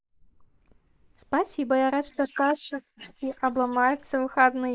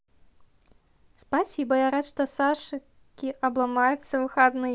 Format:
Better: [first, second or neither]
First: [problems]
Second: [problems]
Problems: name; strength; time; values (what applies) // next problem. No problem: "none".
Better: second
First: noise reduction (neural mask model Resemble Enhance denoiser)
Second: none